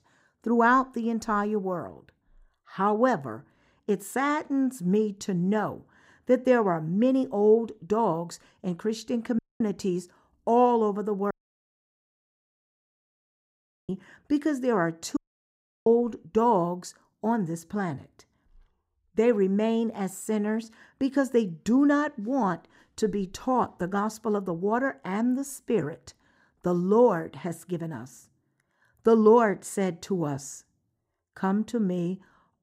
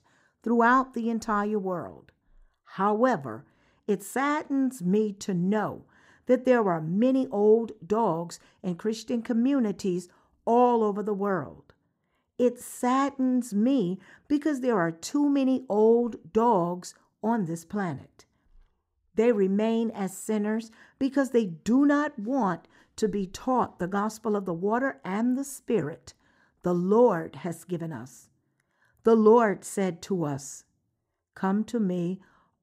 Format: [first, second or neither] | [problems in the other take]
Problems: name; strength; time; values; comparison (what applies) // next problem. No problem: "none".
second | audio cutting out; at 9.5 s, at 11 s for 2.5 s and at 15 s for 0.5 s